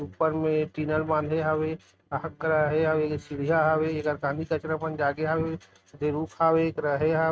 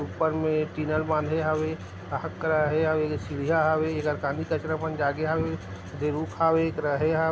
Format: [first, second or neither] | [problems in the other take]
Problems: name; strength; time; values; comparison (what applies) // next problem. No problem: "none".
second | noise reduction (neural mask model RNNoise)